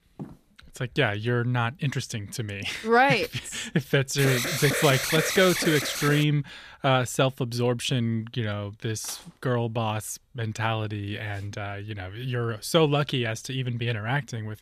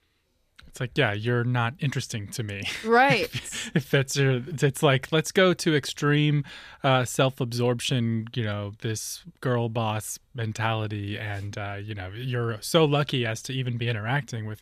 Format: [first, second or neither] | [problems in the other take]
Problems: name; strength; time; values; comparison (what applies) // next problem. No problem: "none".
second | footsteps; faint; at the start; peak 15 dB below the speech // alarm; loud; from 4 to 6 s; peak 1 dB above the speech // clattering dishes; faint; at 9 s; peak 15 dB below the speech